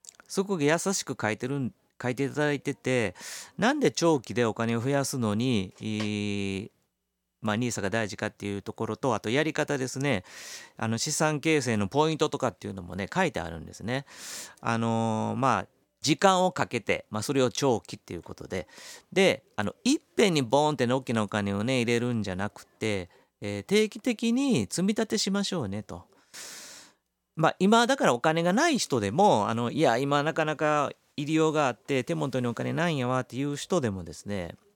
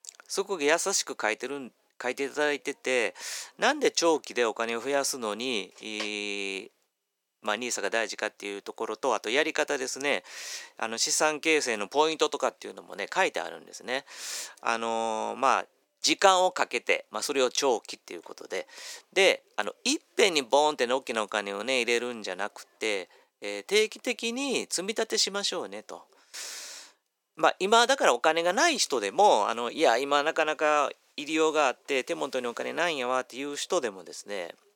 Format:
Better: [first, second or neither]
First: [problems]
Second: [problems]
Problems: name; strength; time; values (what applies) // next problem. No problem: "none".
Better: first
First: none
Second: thin; somewhat; fading below 350 Hz